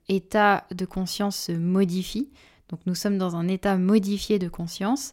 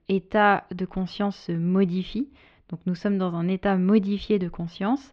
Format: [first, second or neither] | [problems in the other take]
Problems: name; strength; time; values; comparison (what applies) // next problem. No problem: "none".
first | muffled; slightly; fading above 3.5 kHz